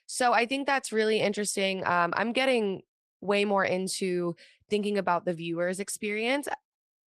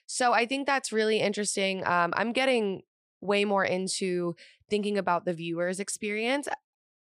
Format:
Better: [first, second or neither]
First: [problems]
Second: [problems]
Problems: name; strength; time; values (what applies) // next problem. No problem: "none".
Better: second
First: garbled, watery; slightly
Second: none